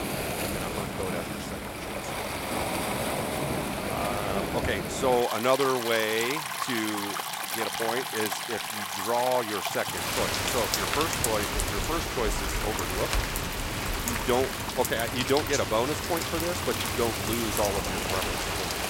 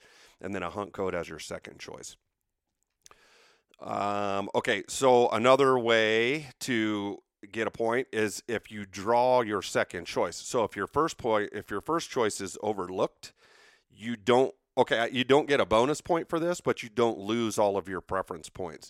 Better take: second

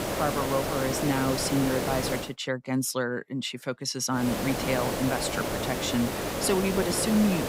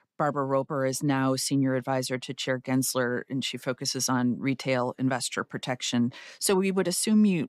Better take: second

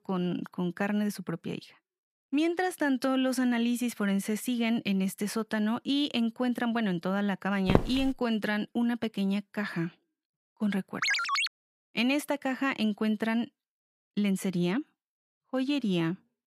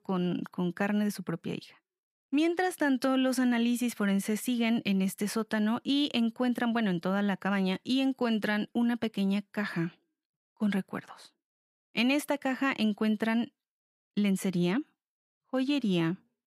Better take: second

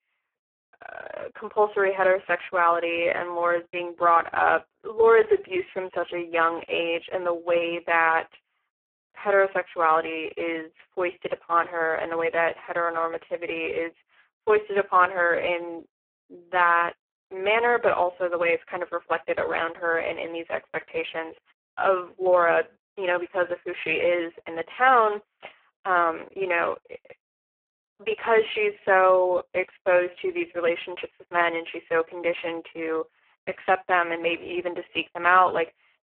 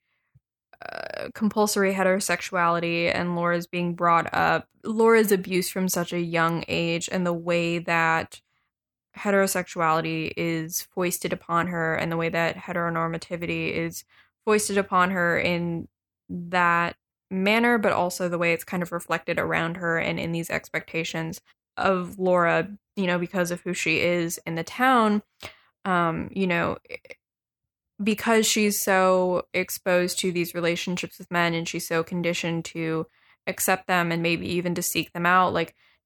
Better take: second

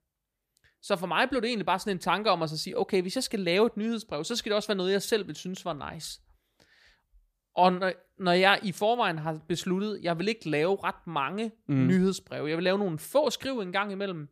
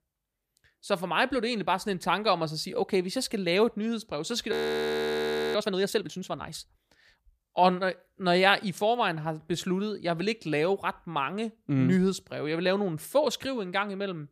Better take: first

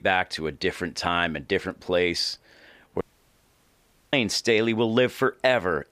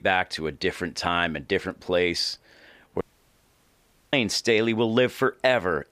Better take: neither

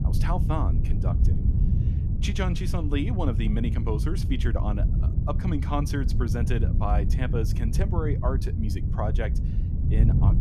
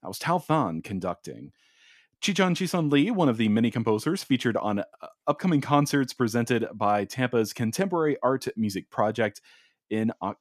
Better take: second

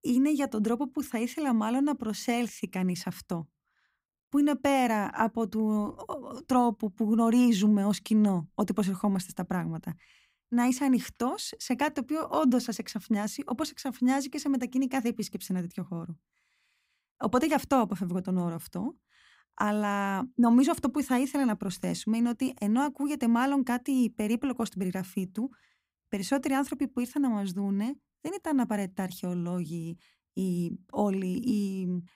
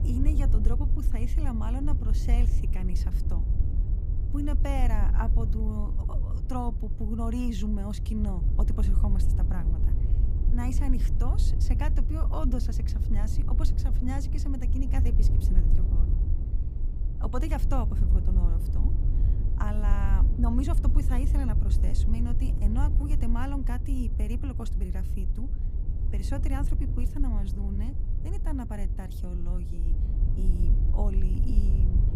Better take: first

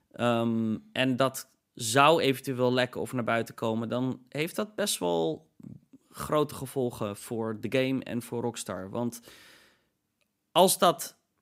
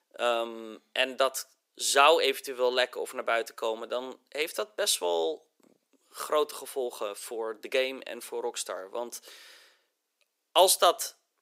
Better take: first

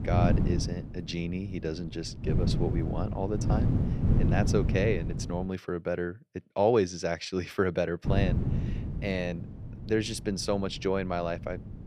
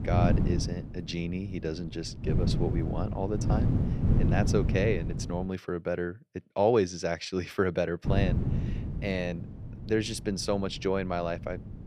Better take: neither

